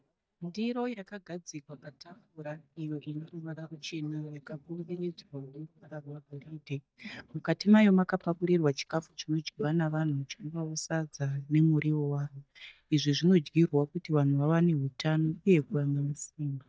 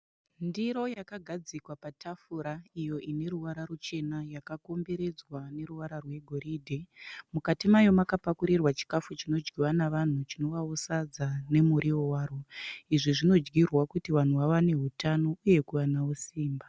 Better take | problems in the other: second | noise reduction (neural mask model DeepFilterNet 3)

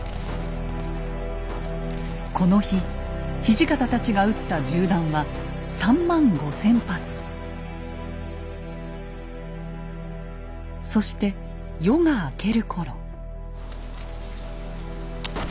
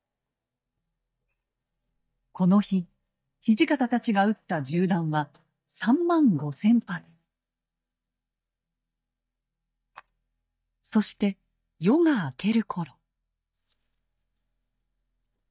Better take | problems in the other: first | noise reduction (neural mask model DeepFilterNet 3)

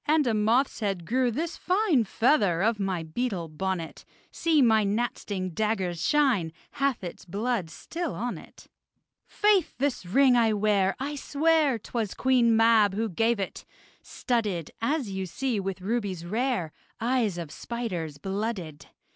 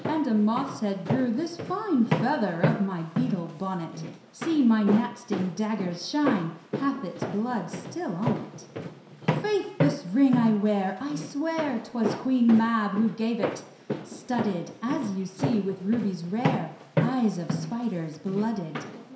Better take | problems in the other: first | background sound (Walk, footsteps); 6 dB below the speech // room echo; dies away in 0.7 s

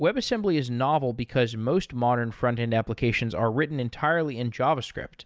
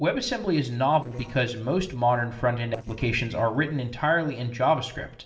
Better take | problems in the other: first | noise reduction (neural separator model SepFormer DNS4)

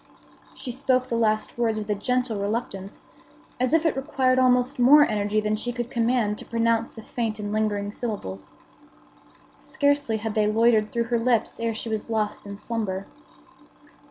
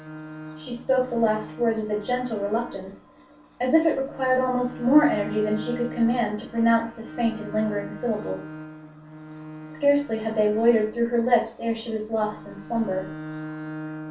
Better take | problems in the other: first | background sound (Bowed string instrument); 14 dB below the speech // room echo; dies away in 0.3 s

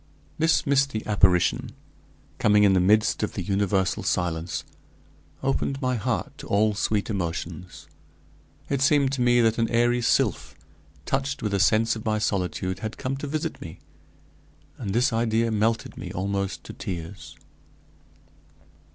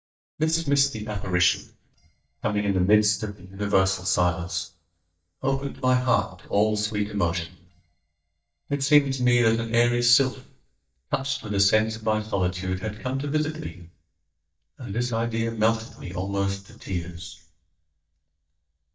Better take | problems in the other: first | noise reduction (neural mask model DeepFilterNet 3)

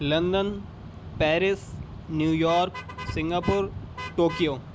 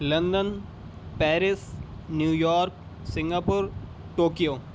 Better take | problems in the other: second | background sound (Vehicle horn, car horn, honking); 17 dB below the speech

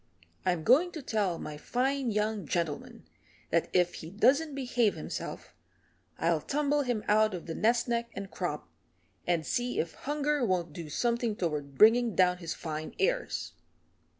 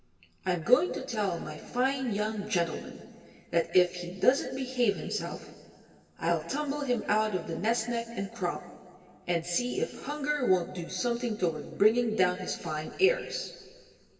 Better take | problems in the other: first | room echo; dies away in 2.3 s

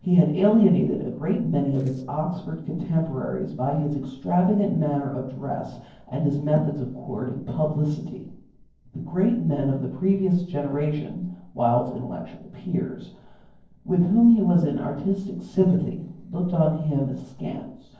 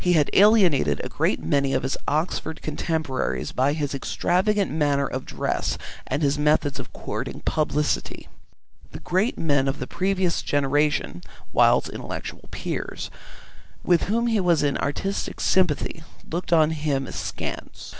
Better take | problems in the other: second | noise reduction (neural separator model SepFormer DNS4)

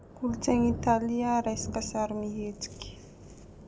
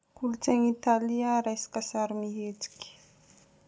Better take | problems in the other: second | background sound (Thunder); 10 dB below the speech

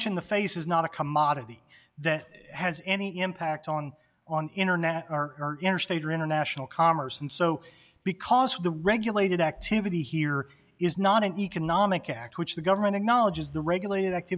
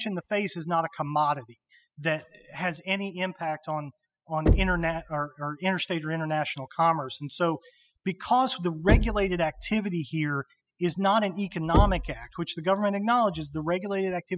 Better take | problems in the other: first | noise reduction (classical method spectral subtraction)

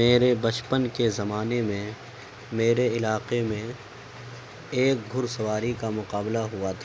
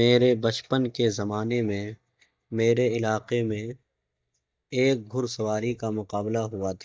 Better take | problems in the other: first | noise reduction (neural mask model DeepFilterNet 3)

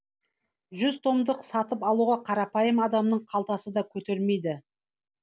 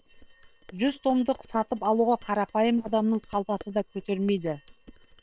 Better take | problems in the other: first | noise reduction (neural separator model SepFormer WHAM!)

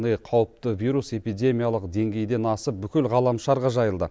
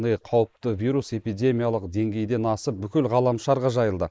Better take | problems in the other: first | noise reduction (neural mask model Resemble Enhance denoiser)

